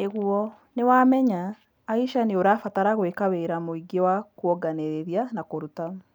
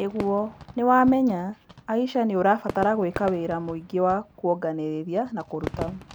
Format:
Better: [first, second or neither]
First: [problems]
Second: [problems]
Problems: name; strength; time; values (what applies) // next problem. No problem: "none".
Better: first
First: none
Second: background sound (Fireworks); 14 dB below the speech